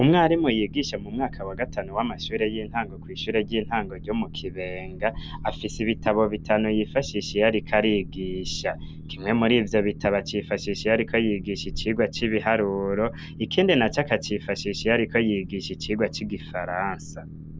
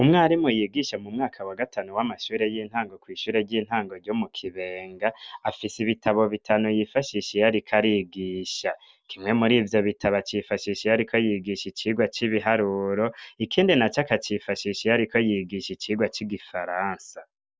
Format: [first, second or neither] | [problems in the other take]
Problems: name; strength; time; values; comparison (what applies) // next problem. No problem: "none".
second | background sound (Boat, Water vehicle); 13 dB below the speech